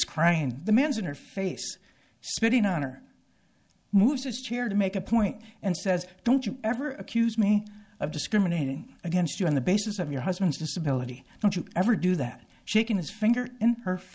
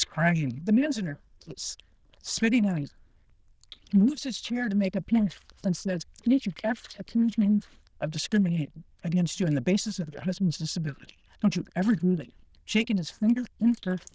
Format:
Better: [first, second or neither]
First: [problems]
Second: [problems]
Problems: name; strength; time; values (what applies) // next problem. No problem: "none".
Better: first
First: none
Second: noise reduction (neural diffusion model UNIVERSE++)